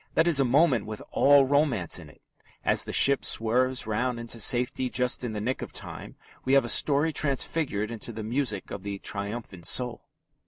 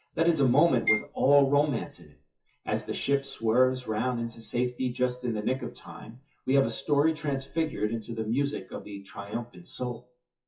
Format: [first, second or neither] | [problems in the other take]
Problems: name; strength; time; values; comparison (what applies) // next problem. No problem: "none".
first | noise reduction (classical method WPE with log-MMSE)